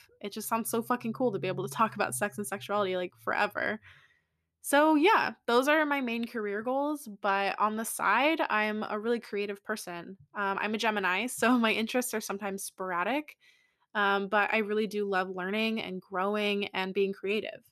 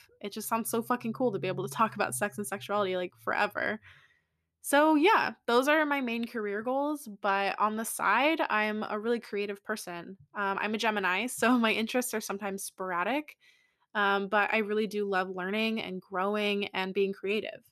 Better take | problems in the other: neither | none

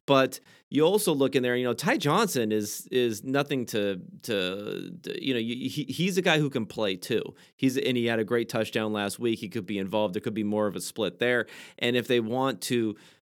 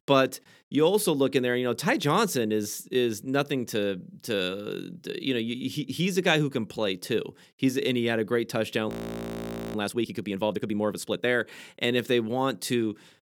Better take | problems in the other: first | audio freezing; at 9 s for 1 s

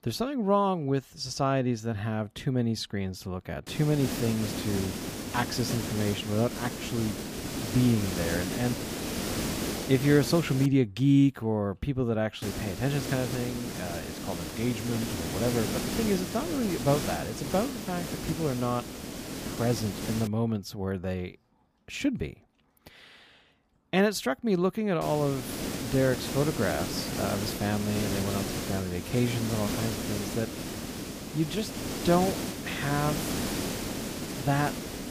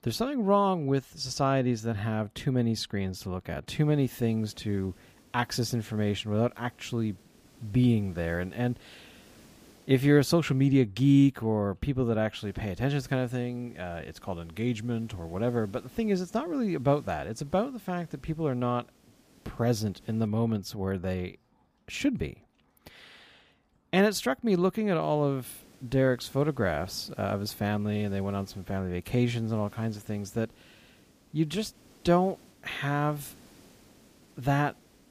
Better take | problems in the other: second | hiss; loud; from 3.5 to 11 s, from 12 to 20 s and from 25 s on; 5 dB below the speech; faint in the second

